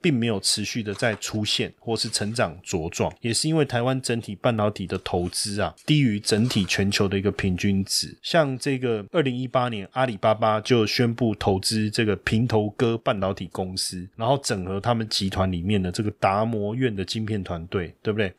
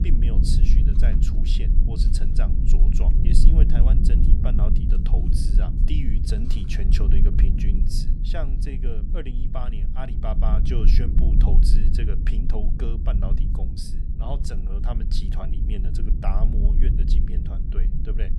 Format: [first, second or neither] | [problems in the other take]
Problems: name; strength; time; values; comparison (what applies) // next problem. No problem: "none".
first | low rumble; loud; throughout; 2 dB below the speech